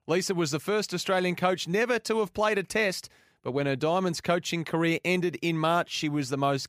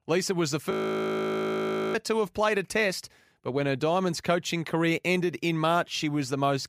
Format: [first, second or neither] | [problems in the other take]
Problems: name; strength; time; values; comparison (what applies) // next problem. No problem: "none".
first | audio freezing; at 0.5 s for 1 s